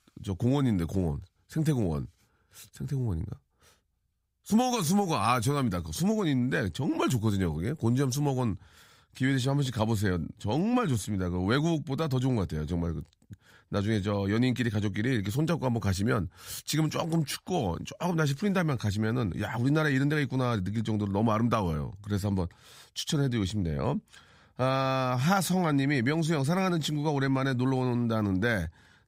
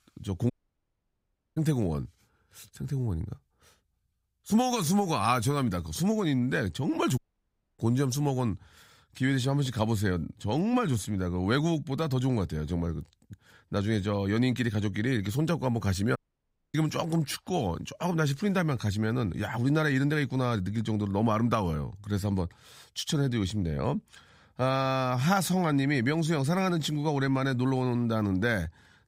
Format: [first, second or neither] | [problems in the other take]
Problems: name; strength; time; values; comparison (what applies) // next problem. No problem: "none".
first | audio cutting out; at 0.5 s for 1 s, at 7 s for 0.5 s and at 16 s for 0.5 s